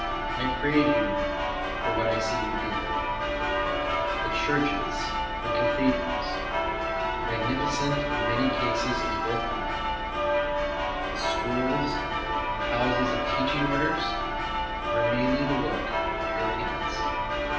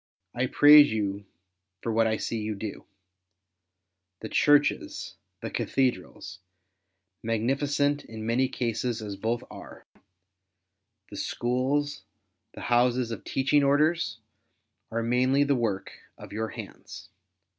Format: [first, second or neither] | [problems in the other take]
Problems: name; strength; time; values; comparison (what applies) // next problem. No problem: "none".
second | background sound (Church bell); 5 dB above the speech // room echo; dies away in 0.7 s